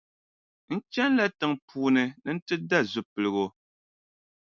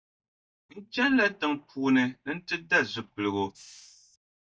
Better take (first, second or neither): first